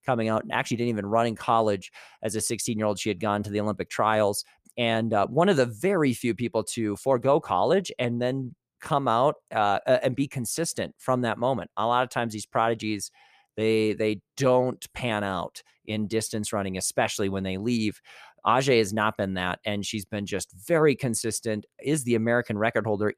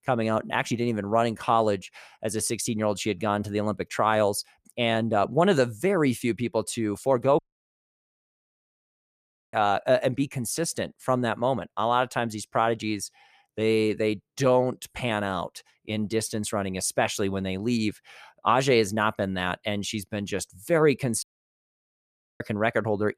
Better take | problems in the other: first | audio cutting out; at 7.5 s for 2 s and at 21 s for 1 s

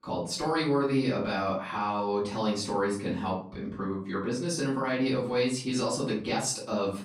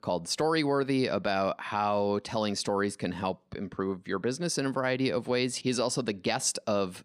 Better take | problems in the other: second | off-mic speech; far // room echo; slight; dies away in 0.4 s

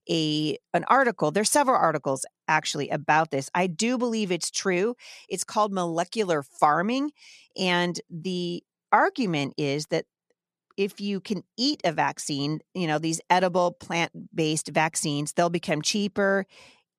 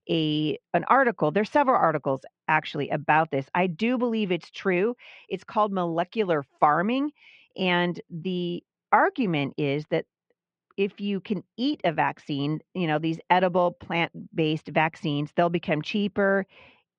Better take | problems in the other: first | muffled; very; fading above 3 kHz

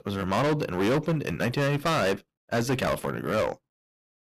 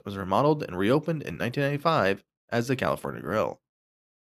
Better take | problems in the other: second | distortion; heavy; 15% of the sound clipped

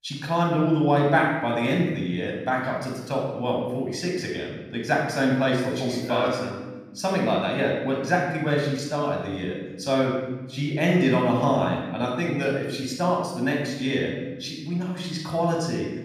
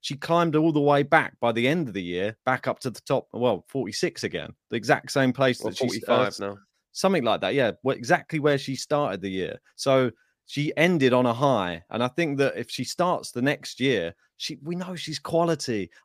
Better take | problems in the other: second | off-mic speech; somewhat distant // room echo; noticeable; dies away in 1.1 s

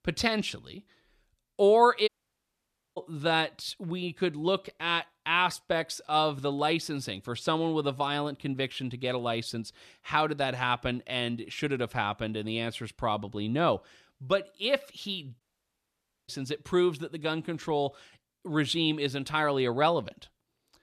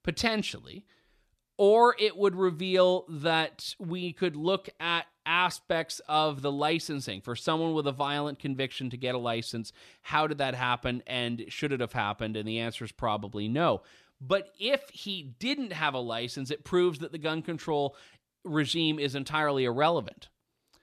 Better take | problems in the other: second | audio cutting out; at 2 s for 1 s and at 15 s for 1 s

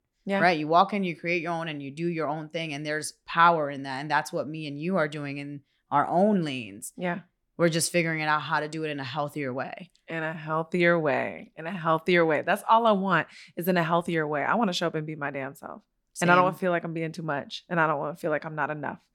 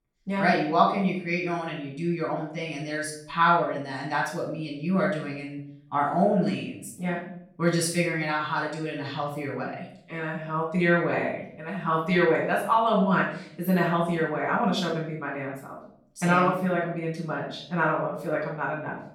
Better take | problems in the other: first | off-mic speech; far // room echo; noticeable; dies away in 0.5 s

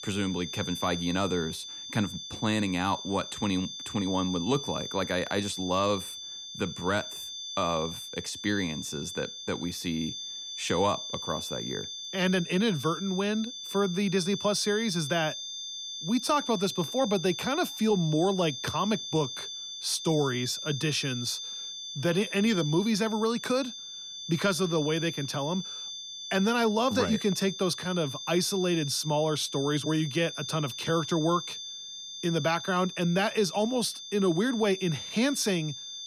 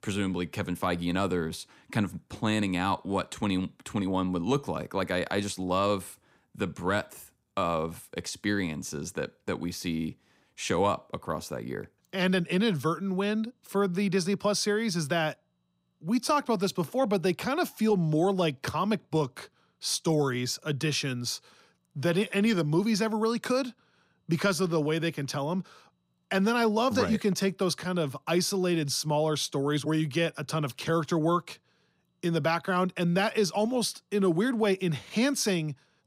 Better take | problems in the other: second | high-pitched whine; loud; throughout; 3.5 kHz, 8 dB below the speech

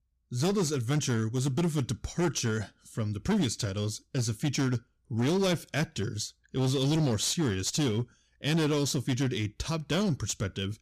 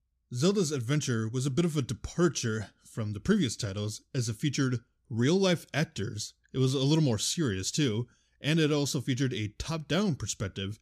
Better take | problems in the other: second | distortion; slight; 12% of the sound clipped

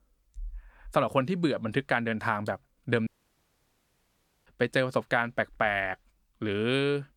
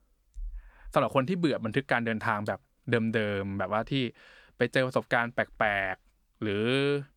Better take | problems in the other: second | audio cutting out; at 3 s for 1.5 s

